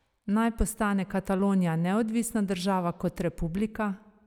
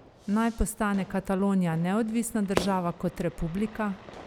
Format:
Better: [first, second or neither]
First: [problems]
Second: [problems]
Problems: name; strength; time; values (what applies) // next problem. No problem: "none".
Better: first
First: none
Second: background sound (Fire / Fireworks); 13 dB below the speech